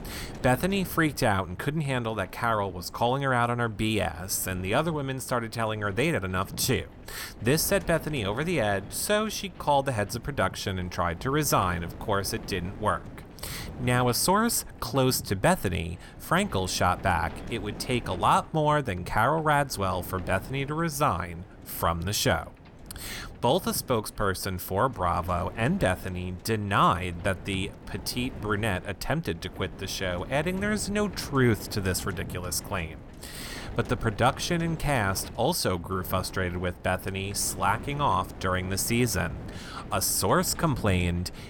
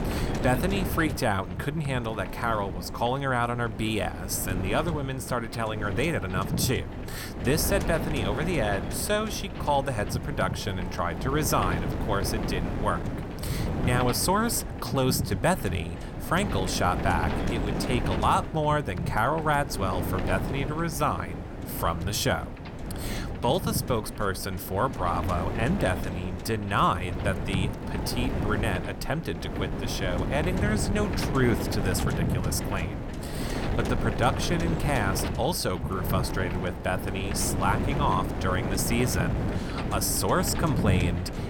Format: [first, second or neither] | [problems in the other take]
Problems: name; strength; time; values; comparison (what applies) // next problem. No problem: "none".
first | wind noise on the microphone; heavy; 8 dB below the speech; occasional gusts in the first